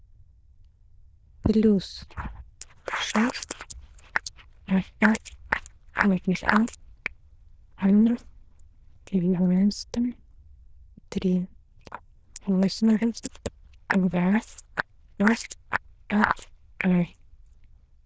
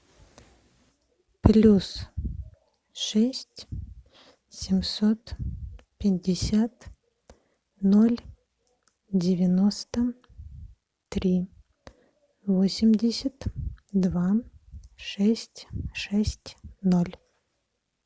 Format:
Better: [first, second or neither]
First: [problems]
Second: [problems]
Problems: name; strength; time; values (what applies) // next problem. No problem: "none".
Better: second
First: noise reduction (neural diffusion model UNIVERSE++)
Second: none